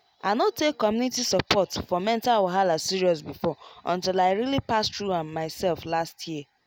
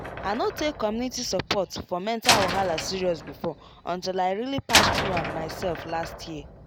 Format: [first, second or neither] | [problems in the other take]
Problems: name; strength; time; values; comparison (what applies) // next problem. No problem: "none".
first | background sound (Slam); 1 dB below the speech